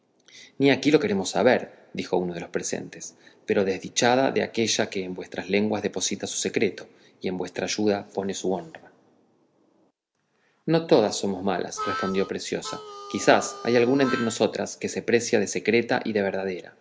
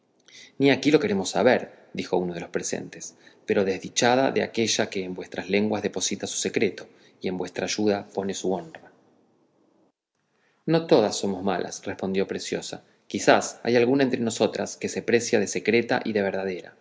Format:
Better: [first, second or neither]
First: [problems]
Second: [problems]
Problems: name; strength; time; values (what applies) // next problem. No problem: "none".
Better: second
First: background sound (Harmonica); 10 dB below the speech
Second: none